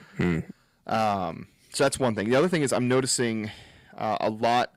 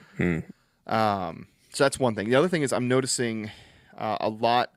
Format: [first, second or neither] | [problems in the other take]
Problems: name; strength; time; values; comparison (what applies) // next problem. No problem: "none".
second | distortion; slight; 10 dB below the speech